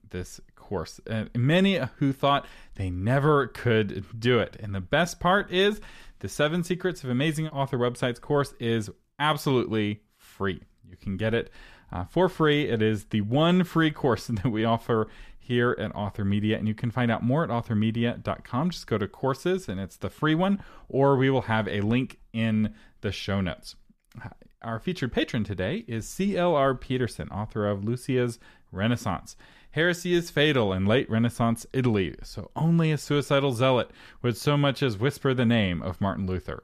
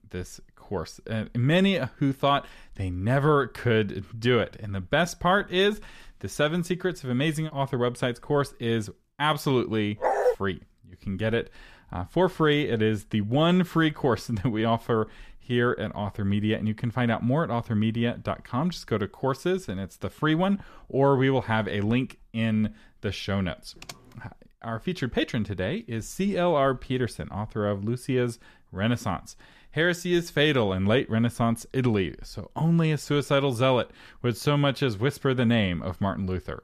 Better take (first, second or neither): first